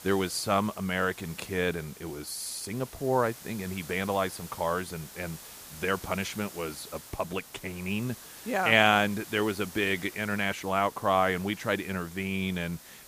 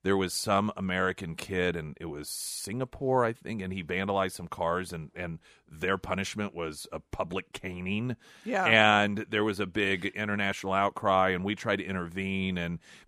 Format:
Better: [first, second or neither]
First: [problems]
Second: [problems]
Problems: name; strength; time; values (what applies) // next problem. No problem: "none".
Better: second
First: hiss; noticeable; throughout; 15 dB below the speech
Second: none